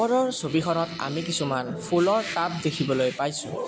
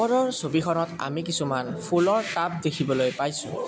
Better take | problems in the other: second | background sound (Fart); 16 dB below the speech

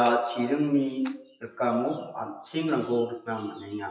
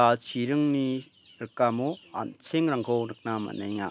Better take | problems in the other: second | noise reduction (classical method WPE with log-MMSE)

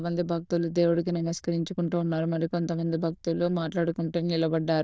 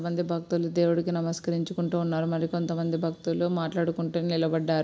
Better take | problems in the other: second | noise reduction (neural diffusion model UNIVERSE++)

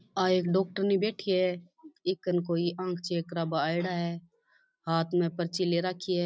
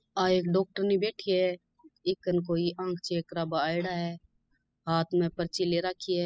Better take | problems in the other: first | noise reduction (classical method spectral subtraction)

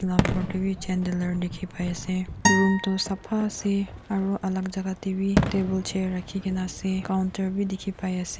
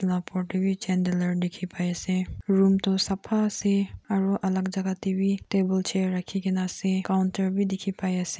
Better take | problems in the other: second | background sound (Fireworks + Acoustic guitar); 4 dB below the speech

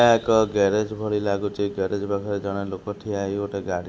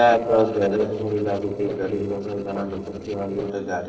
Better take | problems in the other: first | noise reduction (neural separator model SepFormer DNS4)

